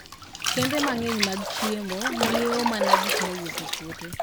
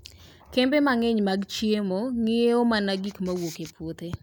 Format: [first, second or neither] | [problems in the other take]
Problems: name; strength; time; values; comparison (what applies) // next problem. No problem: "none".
second | background sound (Bathtub (filling or washing)); 2 dB above the speech